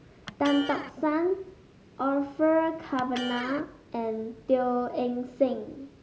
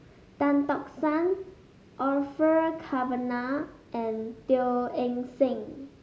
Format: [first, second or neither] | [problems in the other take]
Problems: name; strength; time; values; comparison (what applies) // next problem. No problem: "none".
second | background sound (Electric guitar); 15 dB below the speech